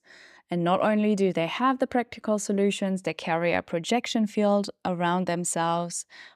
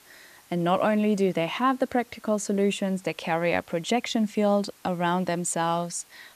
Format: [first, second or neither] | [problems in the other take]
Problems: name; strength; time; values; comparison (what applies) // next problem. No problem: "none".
first | hiss; faint; throughout; 30 dB below the speech